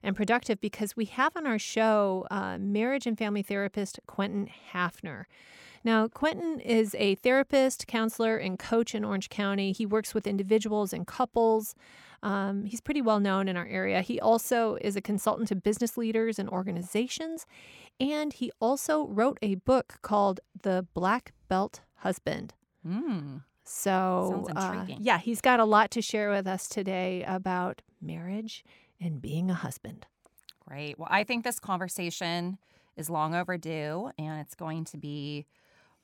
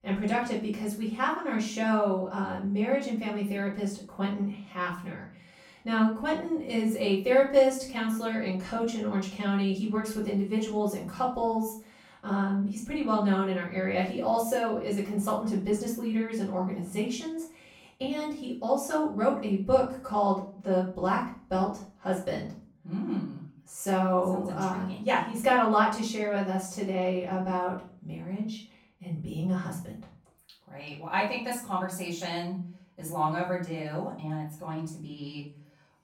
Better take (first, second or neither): first